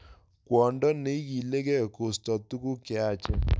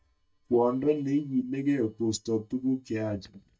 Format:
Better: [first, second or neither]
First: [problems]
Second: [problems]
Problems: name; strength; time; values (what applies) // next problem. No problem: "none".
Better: first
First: none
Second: noise reduction (neural mask model DeepFilterNet 3)